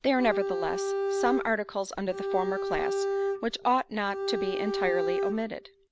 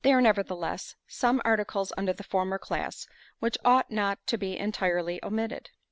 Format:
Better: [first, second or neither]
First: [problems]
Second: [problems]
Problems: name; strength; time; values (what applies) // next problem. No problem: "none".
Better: second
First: background sound (Bowed string instrument); 1 dB below the speech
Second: none